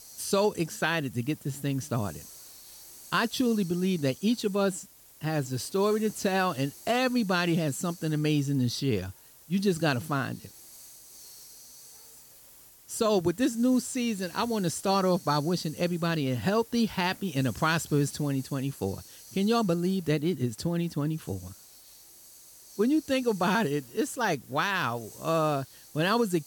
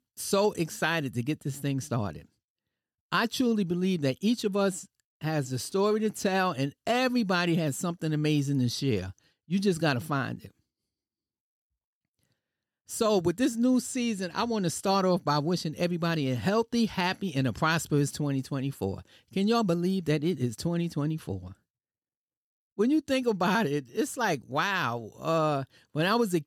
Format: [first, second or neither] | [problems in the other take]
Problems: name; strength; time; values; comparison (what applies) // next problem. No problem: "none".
second | hiss; noticeable; throughout; 20 dB below the speech